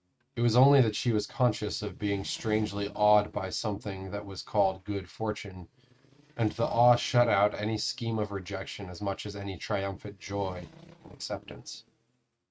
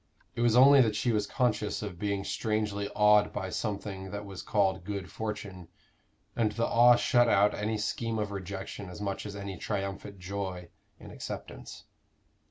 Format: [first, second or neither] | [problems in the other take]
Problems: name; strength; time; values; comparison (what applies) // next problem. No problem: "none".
second | noise reduction (neural mask model RNNoise)